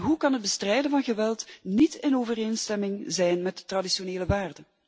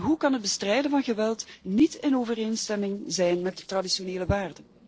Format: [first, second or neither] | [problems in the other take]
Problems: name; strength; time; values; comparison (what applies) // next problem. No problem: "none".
first | noise reduction (neural separator model SepFormer DNS4)